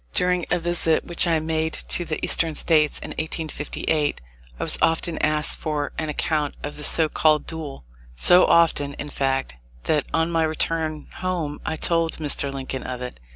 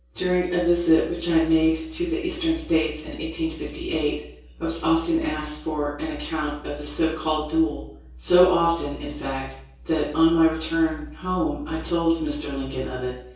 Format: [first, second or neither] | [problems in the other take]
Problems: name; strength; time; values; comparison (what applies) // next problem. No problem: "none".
first | room echo; dies away in 0.6 s